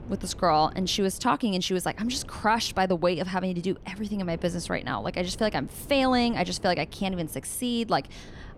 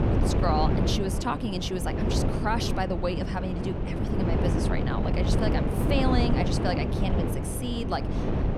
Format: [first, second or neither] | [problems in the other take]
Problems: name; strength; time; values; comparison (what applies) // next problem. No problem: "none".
first | wind noise on the microphone; heavy; 2 dB below the speech; occasional gusts in the first